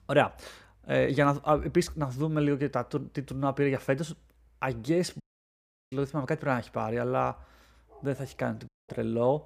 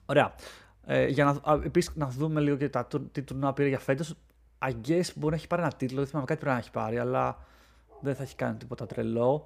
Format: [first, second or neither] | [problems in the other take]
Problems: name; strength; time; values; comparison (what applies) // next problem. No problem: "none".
second | audio cutting out; at 5 s for 0.5 s and at 8.5 s